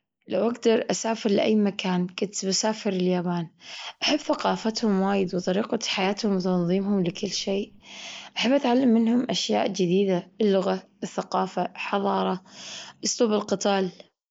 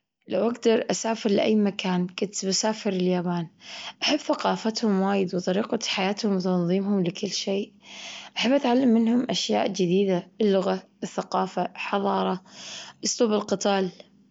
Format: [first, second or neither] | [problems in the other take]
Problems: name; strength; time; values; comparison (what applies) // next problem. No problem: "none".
second | noise reduction (neural mask model Resemble Enhance denoiser)